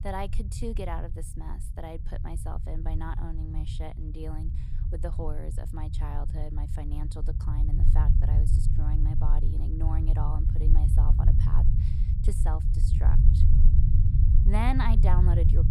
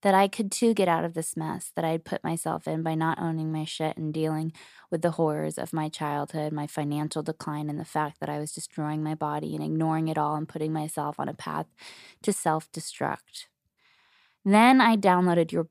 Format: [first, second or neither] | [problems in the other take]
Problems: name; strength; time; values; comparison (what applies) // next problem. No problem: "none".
second | low rumble; loud; throughout; 4 dB below the speech